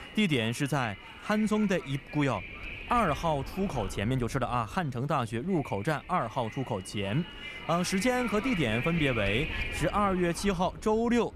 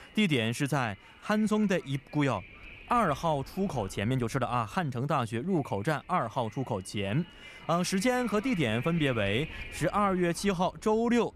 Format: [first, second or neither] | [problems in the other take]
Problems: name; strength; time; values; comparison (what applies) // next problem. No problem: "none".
second | wind noise on the microphone; heavy; 8 dB below the speech; occasional gusts in the second